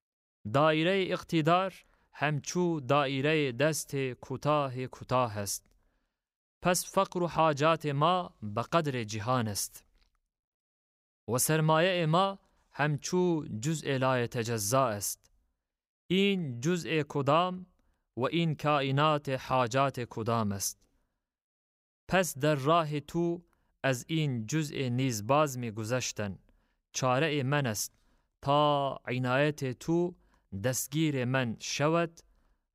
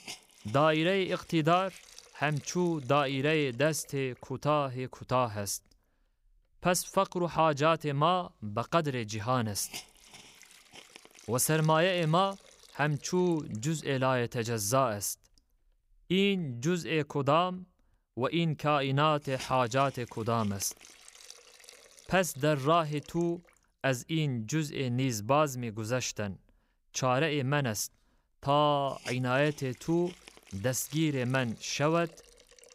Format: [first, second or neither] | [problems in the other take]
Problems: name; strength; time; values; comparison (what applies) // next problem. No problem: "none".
first | hiss; faint; throughout; 20 dB below the speech